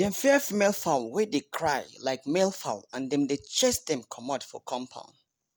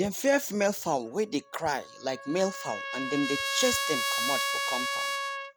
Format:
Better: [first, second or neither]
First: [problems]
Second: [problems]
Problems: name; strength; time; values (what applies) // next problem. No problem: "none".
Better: first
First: none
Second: background sound (Trumpet); 3 dB below the speech